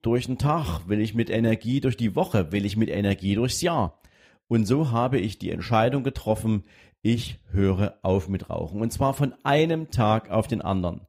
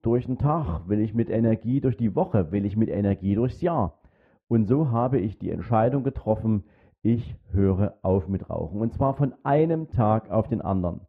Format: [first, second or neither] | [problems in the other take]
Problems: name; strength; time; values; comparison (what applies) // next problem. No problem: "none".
first | muffled; very; fading above 3 kHz